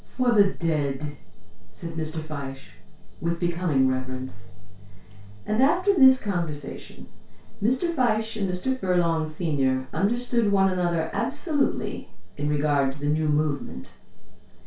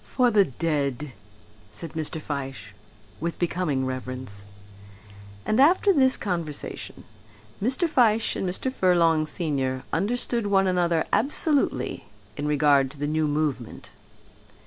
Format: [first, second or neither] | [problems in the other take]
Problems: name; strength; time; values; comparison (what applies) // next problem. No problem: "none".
second | room echo; dies away in 0.2 s